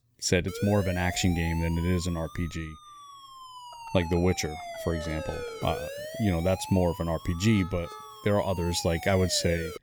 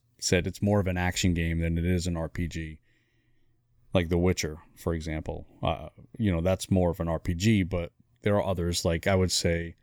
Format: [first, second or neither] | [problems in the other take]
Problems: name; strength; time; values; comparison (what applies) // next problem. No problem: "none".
second | siren; noticeable; peak 8 dB below the speech